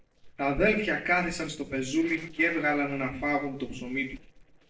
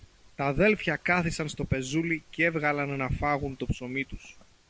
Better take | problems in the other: second | noise reduction (neural separator model SepFormer DNS4)

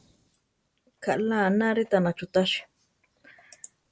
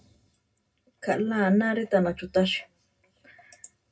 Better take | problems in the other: first | room echo; dies away in 0.2 s

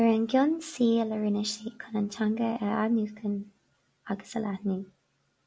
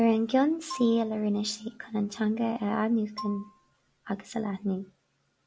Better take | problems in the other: first | background sound (Marimba, xylophone); 17 dB below the speech

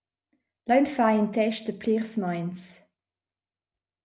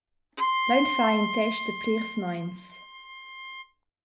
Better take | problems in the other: first | background sound (Bowed string instrument); 2 dB below the speech

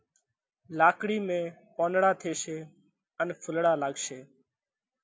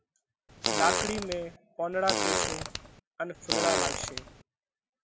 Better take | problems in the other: first | background sound (Fart); 3 dB above the speech

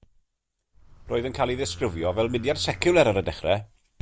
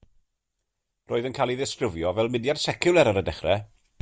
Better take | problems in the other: second | background sound (Livestock, farm animals, working animals); 14 dB below the speech

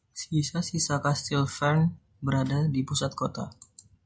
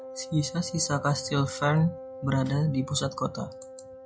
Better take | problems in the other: first | background sound (Wind instrument, woodwind instrument); 13 dB below the speech

